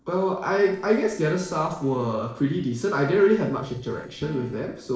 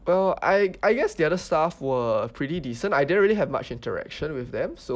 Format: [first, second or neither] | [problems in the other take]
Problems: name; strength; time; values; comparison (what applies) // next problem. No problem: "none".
second | noise reduction (neural separator model SepFormer DNS4)